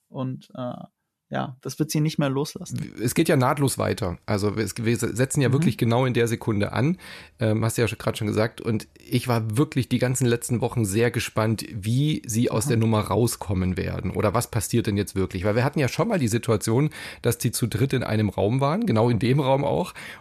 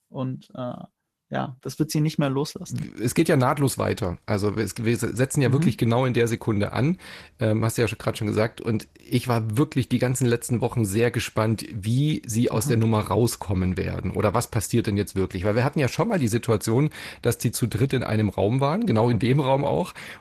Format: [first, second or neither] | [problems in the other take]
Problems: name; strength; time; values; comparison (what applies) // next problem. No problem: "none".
first | garbled, watery; slightly; nothing above 13.5 kHz